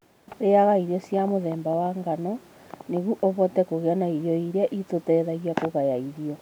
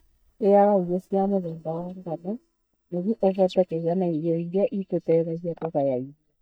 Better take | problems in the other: first | noise reduction (neural mask model DeepFilterNet 3)

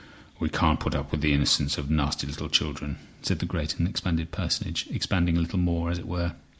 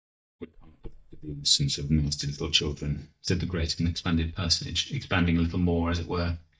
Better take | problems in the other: first | noise reduction (neural mask model DeepFilterNet 3)

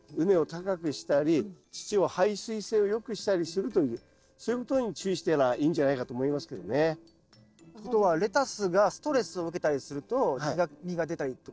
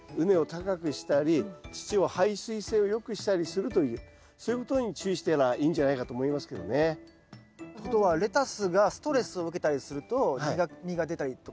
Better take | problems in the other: second | noise reduction (neural separator model SepFormer DNS4)

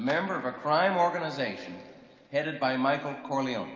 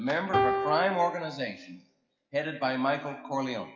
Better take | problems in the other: first | noise reduction (classical method log-MMSE)

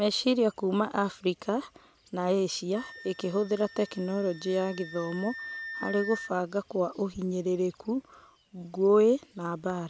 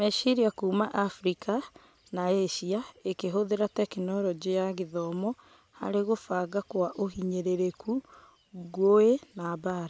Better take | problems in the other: second | background sound (Wind instrument, woodwind instrument); 18 dB below the speech

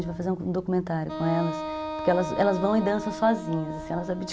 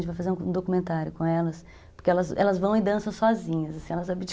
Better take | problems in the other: second | background sound (Wind instrument, woodwind instrument); 8 dB below the speech

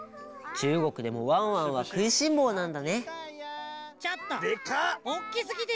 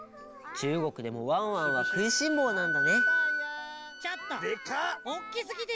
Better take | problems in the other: first | background sound (Wind instrument, woodwind instrument); 1 dB below the speech

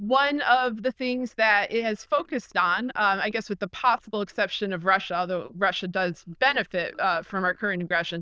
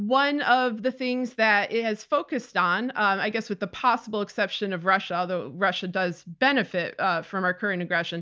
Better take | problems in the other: second | noise reduction (neural diffusion model UNIVERSE++)

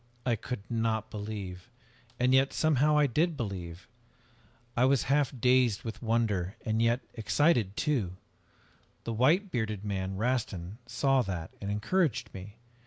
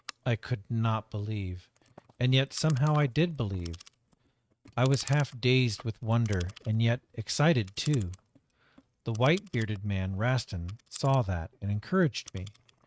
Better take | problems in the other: first | noise reduction (neural mask model RNNoise)

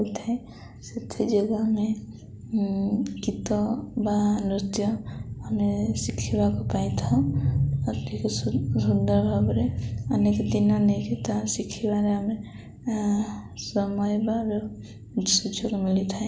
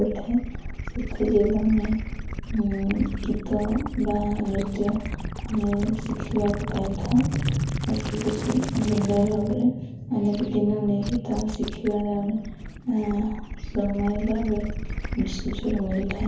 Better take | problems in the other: first | background sound (Gurgling / Liquid); 7 dB below the speech // room echo; dies away in 0.5 s

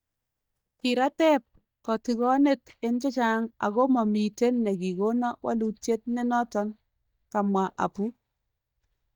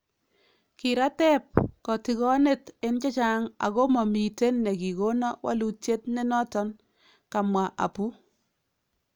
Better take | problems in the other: second | noise reduction (neural mask model DeepFilterNet 3)

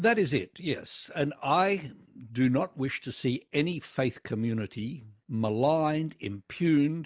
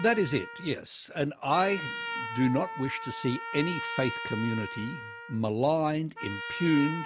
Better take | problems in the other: first | background sound (Trumpet); 9 dB below the speech

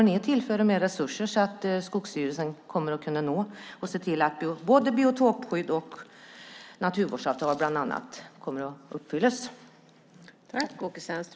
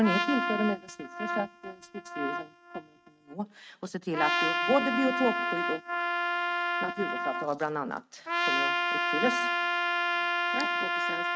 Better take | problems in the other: first | noise reduction (neural mask model RNNoise)

